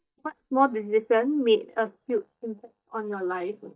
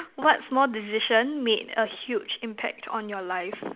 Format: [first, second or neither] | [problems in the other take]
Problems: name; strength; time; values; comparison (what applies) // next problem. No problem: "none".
second | noise reduction (neural mask model DeepFilterNet 3)